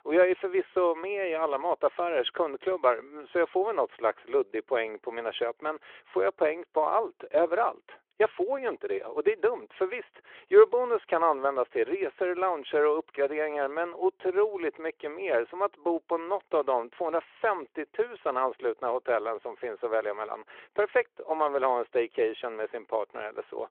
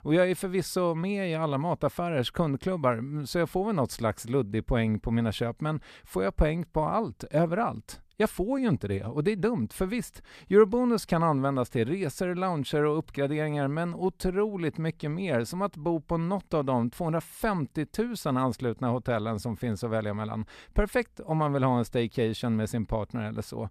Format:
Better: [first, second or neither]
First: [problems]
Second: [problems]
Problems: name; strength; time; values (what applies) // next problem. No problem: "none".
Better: second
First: phone-call audio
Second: none